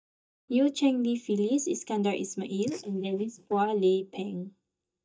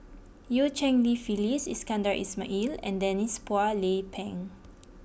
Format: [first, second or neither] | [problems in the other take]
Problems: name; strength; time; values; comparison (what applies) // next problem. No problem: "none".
second | noise reduction (neural mask model DeepFilterNet 3)